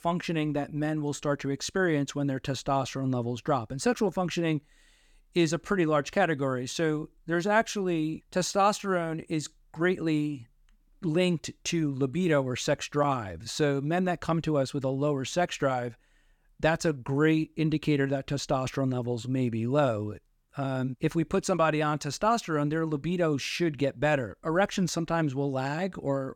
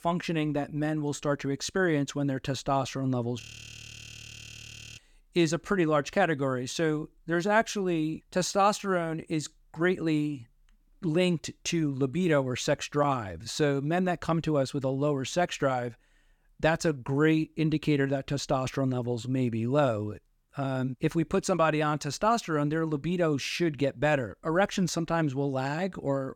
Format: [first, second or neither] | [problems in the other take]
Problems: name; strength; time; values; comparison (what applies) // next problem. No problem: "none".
first | audio freezing; at 3.5 s for 1.5 s